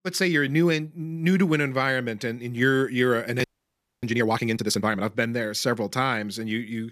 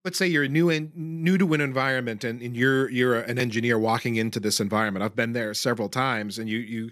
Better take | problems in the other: second | audio freezing; at 3.5 s for 0.5 s

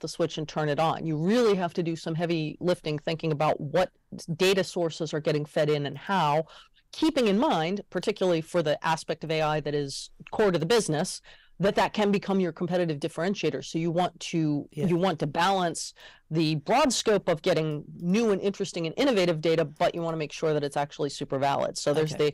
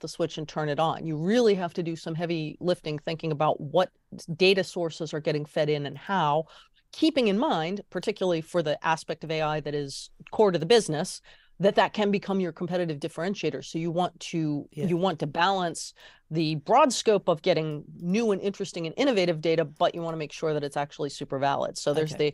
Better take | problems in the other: second | distortion; slight; 6% of the sound clipped

